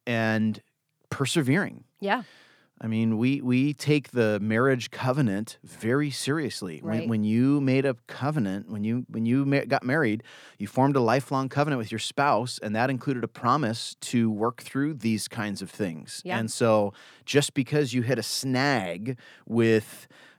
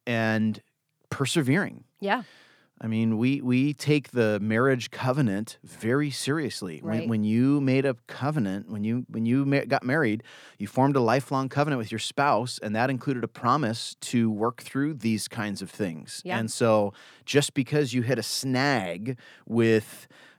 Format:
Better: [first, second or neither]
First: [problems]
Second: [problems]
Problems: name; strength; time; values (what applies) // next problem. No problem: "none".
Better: neither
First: none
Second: none